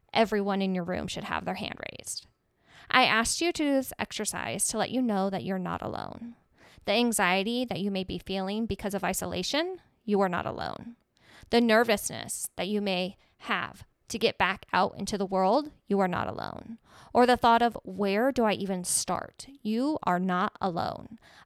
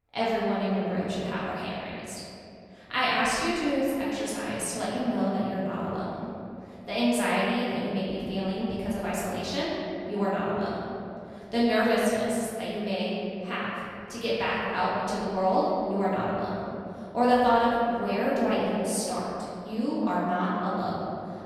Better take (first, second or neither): first